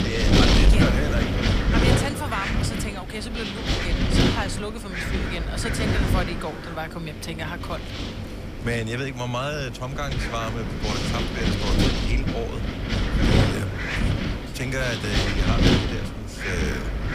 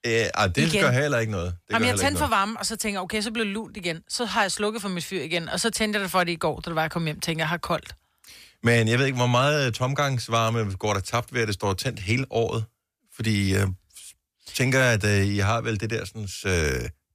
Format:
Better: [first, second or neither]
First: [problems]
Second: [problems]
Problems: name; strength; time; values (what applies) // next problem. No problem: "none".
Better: second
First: wind noise on the microphone; heavy; 3 dB above the speech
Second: none